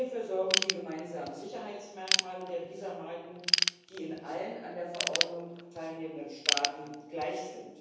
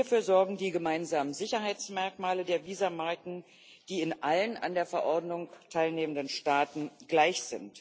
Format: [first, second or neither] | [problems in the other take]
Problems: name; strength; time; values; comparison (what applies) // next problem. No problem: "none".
second | background sound (Ratchet, pawl / Tools); 3 dB above the speech // room echo; dies away in 1.1 s